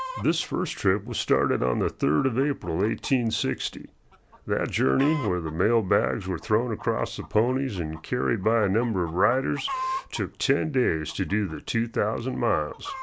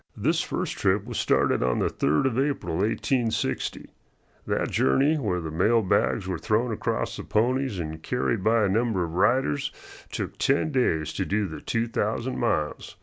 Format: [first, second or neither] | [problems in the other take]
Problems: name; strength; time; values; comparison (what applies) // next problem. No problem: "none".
second | background sound (Chicken, rooster); 16 dB below the speech